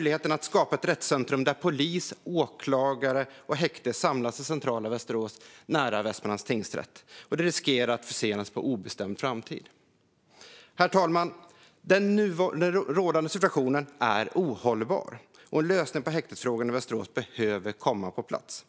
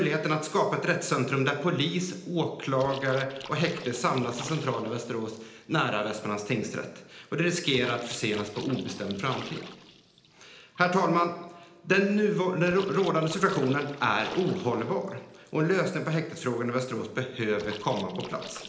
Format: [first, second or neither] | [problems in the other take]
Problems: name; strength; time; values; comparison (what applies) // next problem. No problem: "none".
first | background sound (Splash, splatter); 18 dB below the speech // room echo; dies away in 0.9 s